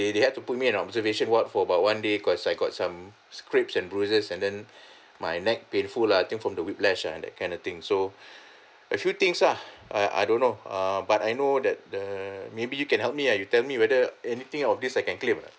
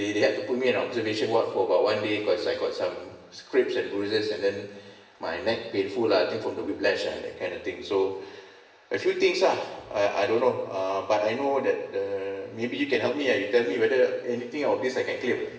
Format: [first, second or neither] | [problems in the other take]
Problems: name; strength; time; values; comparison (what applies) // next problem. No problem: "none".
first | room echo; dies away in 1.1 s